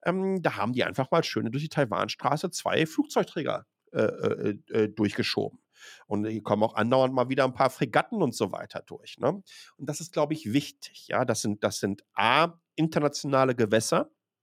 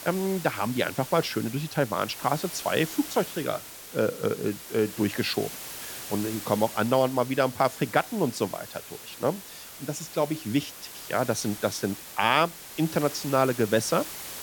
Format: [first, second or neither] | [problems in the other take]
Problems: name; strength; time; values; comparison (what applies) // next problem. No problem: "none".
first | hiss; noticeable; throughout; 10 dB below the speech